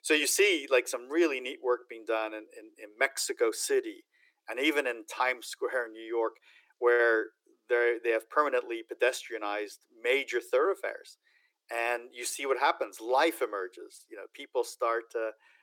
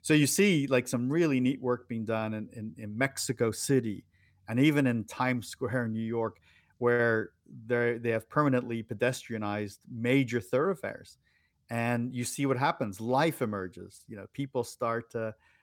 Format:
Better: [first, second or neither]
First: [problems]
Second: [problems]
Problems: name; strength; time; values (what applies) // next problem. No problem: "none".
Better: second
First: thin; very; fading below 350 Hz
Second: none